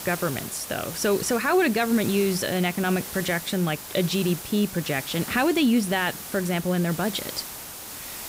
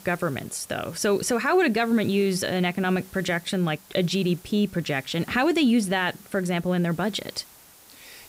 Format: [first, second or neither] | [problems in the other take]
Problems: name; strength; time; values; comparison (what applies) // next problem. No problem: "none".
second | hiss; loud; throughout; 10 dB below the speech; faint in the second